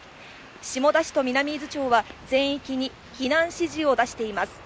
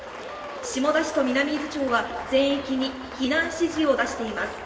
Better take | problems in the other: first | background sound (Applause); 12 dB below the speech // room echo; dies away in 2.1 s

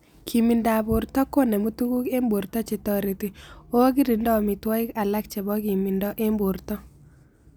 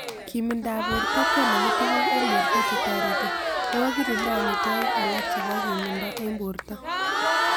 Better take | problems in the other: first | background sound (Crowd); 5 dB above the speech

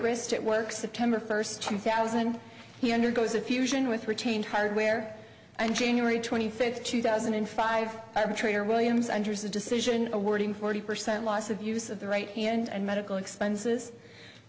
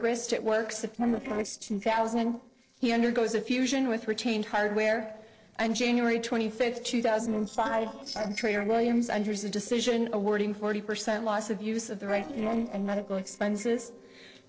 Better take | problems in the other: first | noise reduction (neural separator model SepFormer DNS4)

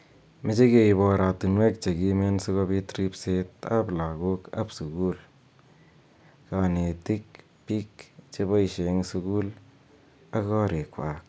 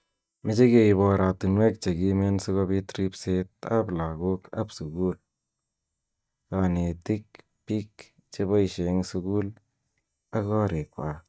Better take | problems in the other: first | noise reduction (neural mask model DeepFilterNet 3)

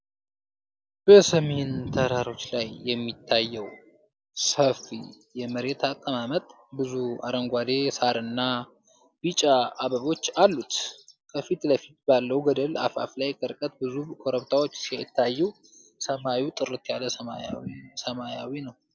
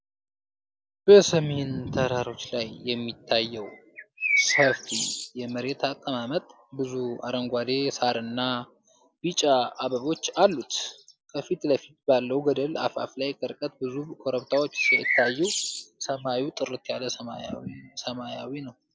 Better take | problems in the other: first | background sound (Bird); as loud as the speech

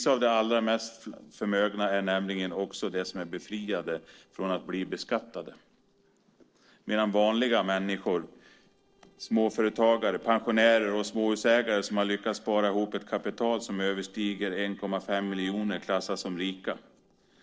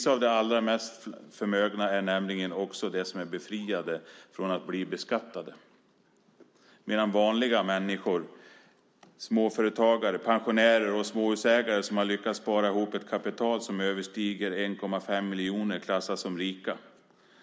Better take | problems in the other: second | noise reduction (neural separator model SepFormer DNS4)

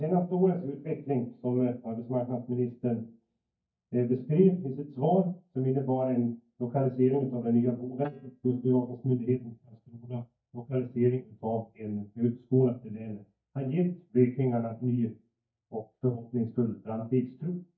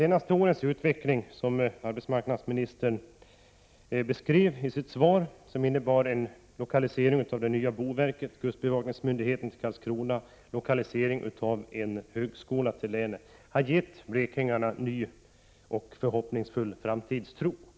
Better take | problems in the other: second | noise reduction (neural mask model DeepFilterNet 3)

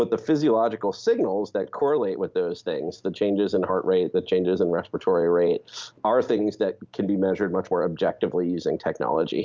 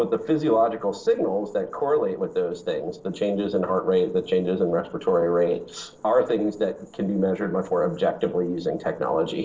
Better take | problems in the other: first | noise reduction (neural separator model SepFormer DNS4)

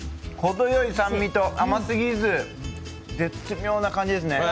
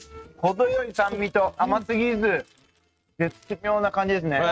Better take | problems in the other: first | noise reduction (neural mask model RNNoise)

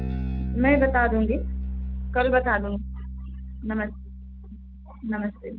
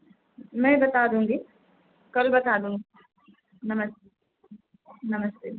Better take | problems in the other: second | background sound (Bass guitar); 4 dB below the speech

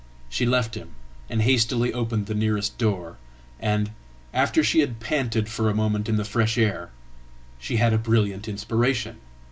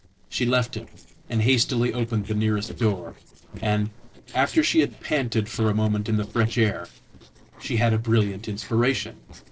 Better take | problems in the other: first | noise reduction (neural separator model SepFormer DNS4)

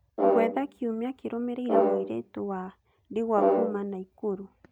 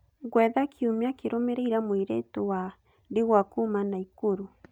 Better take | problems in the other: second | background sound (Brass instrument); 3 dB above the speech

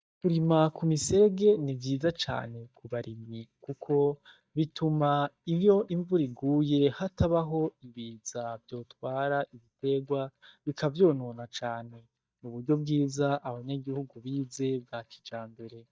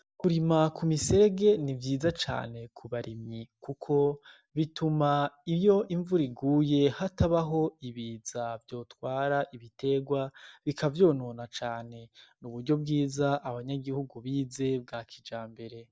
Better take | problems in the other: second | noise reduction (neural mask model DeepFilterNet 3)

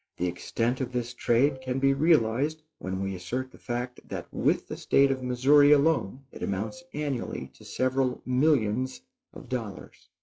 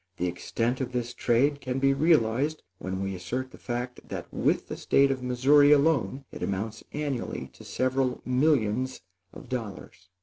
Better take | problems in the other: second | noise reduction (classical method log-MMSE)

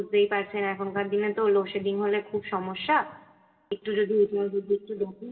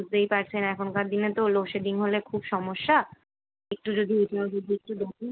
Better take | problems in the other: second | room echo; dies away in 0.8 s

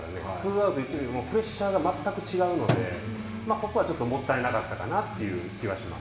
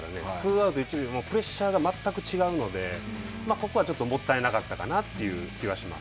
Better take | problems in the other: second | background sound (Drum); 6 dB below the speech // room echo; dies away in 1.2 s

